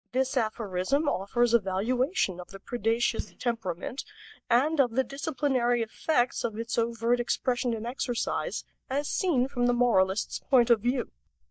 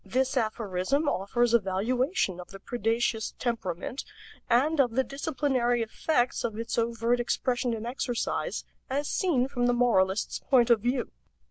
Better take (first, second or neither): second